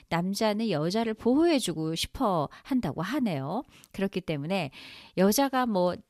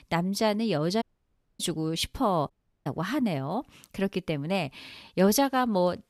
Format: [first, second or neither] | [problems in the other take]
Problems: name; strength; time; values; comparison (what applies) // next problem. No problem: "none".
first | audio cutting out; at 1 s for 0.5 s and at 2.5 s